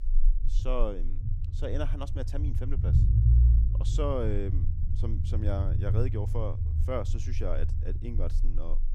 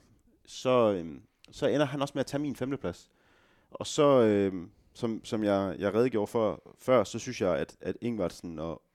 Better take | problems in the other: second | low rumble; loud; throughout; 7 dB below the speech

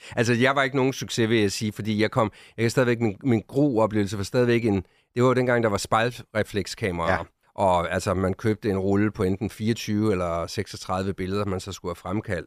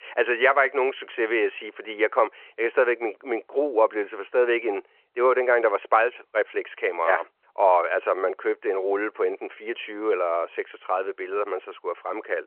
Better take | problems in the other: first | phone-call audio

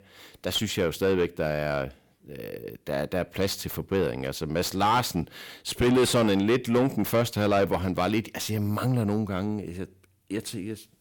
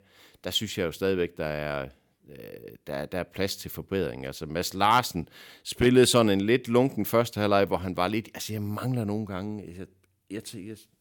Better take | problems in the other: second | distortion; heavy; 7 dB below the speech

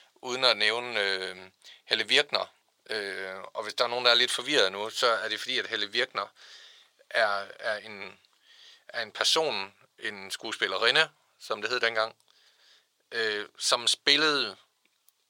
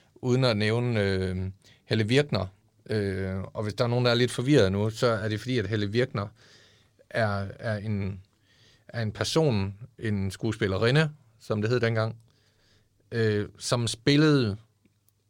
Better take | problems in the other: second | thin; very; fading below 800 Hz

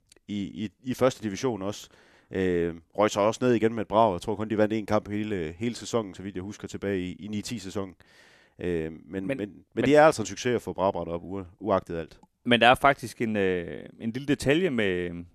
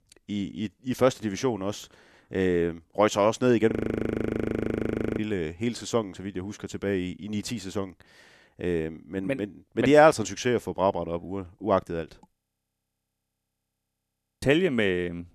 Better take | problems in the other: first | audio freezing; at 3.5 s for 1.5 s and at 12 s for 2 s

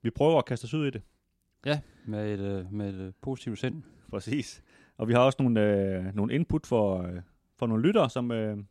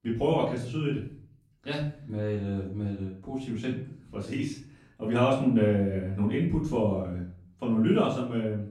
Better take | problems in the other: first | off-mic speech; far // room echo; slight; dies away in 0.4 s

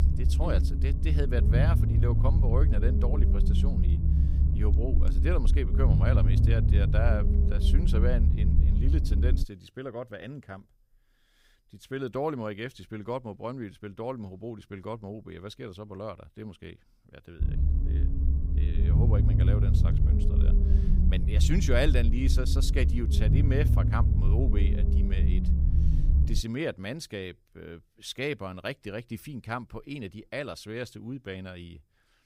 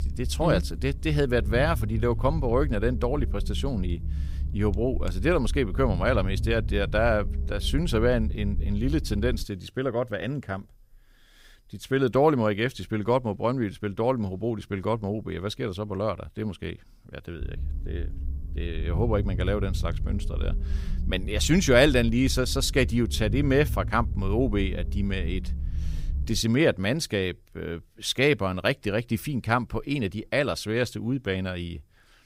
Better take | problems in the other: second | low rumble; loud; until 9.5 s and from 17 to 26 s; 4 dB below the speech; faint in the second

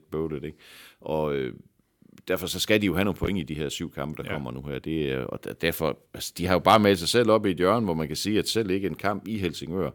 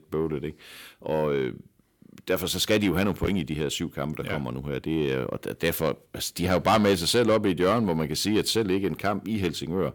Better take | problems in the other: first | distortion; slight; 10 dB below the speech

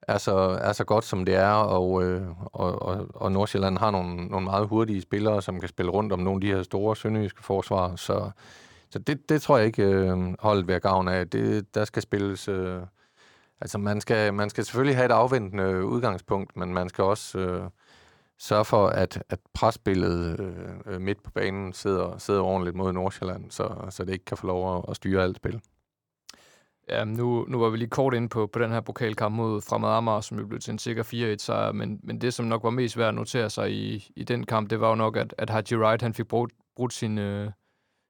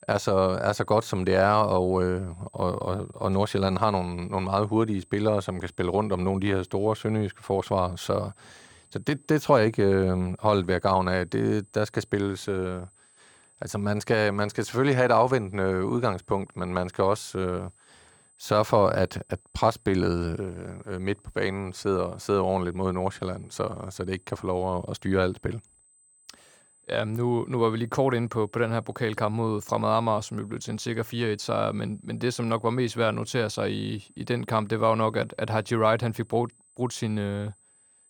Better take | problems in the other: first | high-pitched whine; faint; throughout; 8 kHz, 30 dB below the speech

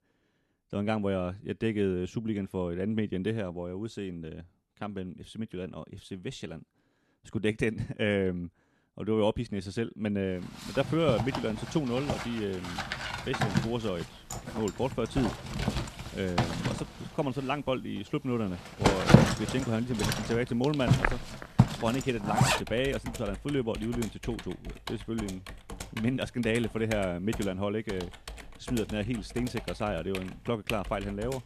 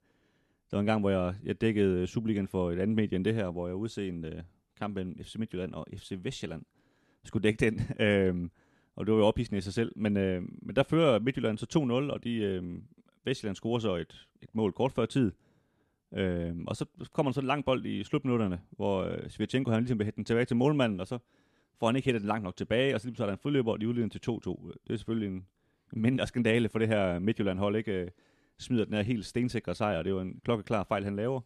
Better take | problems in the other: second | household noises; very loud; from 11 s on; as loud as the speech

